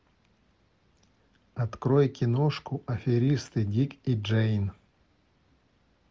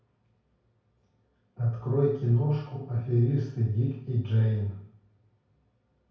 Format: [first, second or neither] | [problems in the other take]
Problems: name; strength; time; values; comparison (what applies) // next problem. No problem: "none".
first | room echo; dies away in 0.6 s